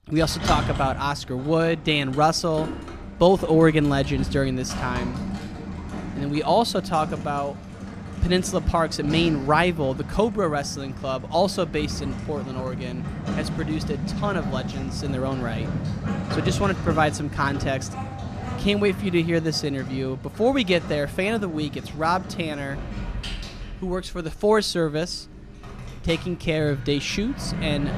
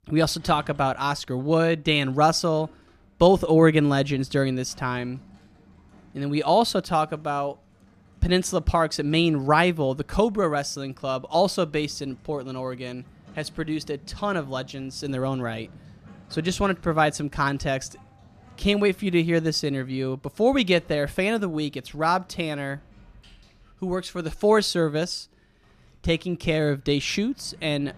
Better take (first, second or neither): second